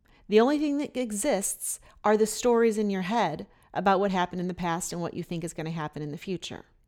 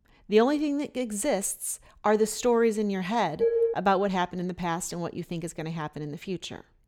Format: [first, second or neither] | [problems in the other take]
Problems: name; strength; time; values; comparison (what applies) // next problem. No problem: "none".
first | clattering dishes; loud; at 3.5 s; peak 3 dB above the speech